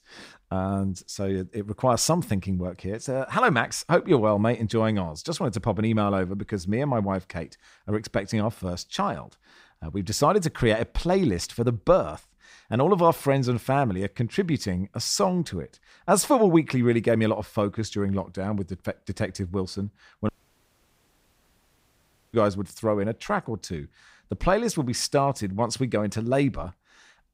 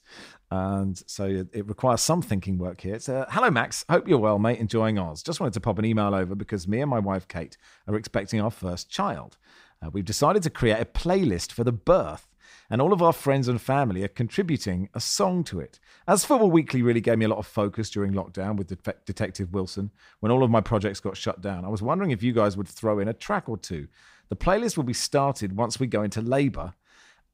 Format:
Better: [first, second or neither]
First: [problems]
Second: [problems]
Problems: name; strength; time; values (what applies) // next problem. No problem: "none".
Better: second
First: audio cutting out; at 20 s for 2 s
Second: none